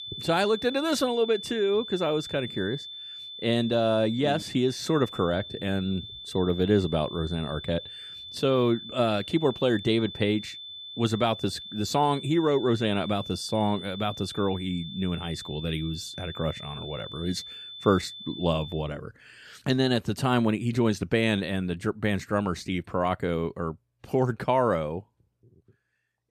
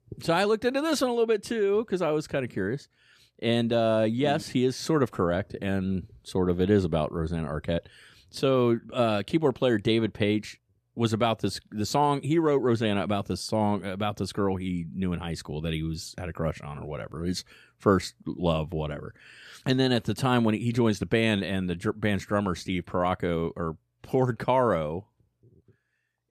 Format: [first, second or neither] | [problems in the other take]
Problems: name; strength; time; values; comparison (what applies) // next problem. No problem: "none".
second | high-pitched whine; noticeable; until 19 s; 3.5 kHz, 10 dB below the speech